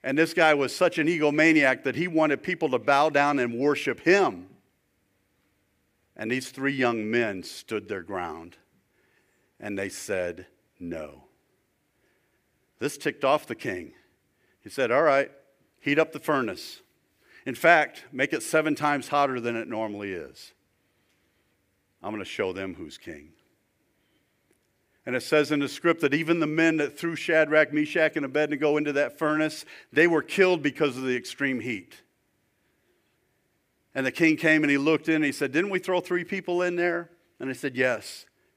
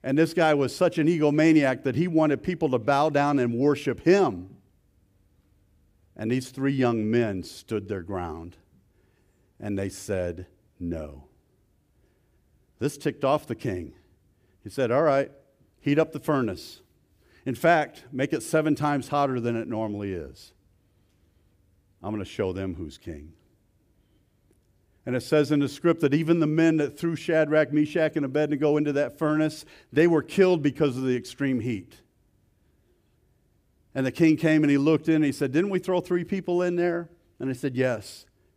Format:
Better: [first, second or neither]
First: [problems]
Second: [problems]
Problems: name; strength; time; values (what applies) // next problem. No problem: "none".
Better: second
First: thin; very slightly; fading below 850 Hz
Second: none